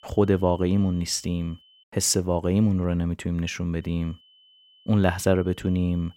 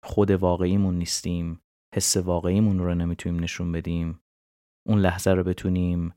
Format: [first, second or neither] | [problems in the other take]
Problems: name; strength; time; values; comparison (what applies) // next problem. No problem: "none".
second | high-pitched whine; faint; until 2 s and from 4 s on; 3 kHz, 30 dB below the speech